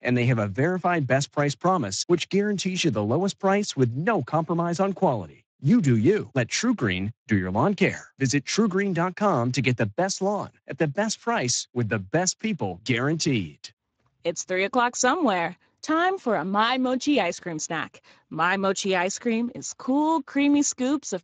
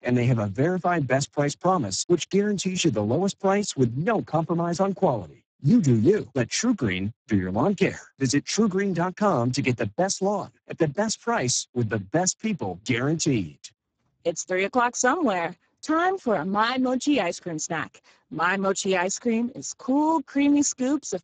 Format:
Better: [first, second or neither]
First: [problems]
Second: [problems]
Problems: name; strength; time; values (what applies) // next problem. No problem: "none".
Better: first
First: garbled, watery; slightly; nothing above 7.5 kHz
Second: garbled, watery; badly; nothing above 7.5 kHz